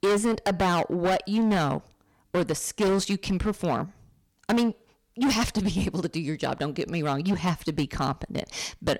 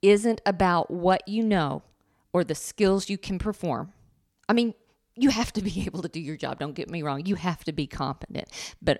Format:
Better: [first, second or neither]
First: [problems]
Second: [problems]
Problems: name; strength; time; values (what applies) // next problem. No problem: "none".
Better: second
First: distortion; heavy; 12% of the sound clipped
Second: none